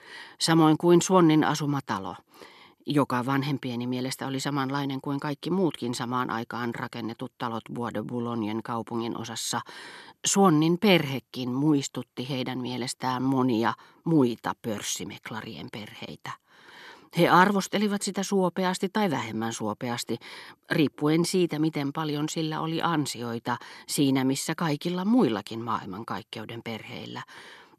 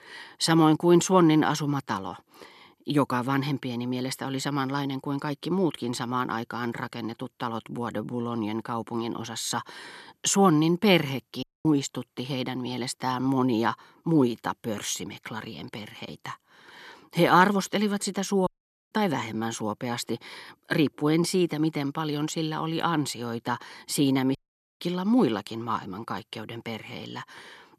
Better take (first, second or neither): first